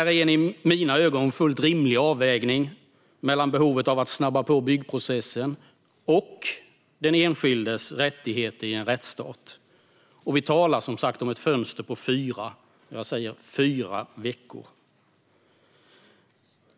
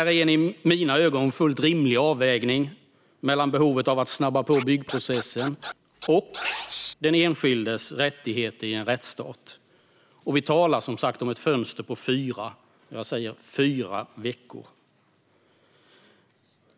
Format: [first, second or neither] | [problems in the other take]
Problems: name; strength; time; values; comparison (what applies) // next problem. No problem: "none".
first | background sound (Scratching (performance technique)); 13 dB below the speech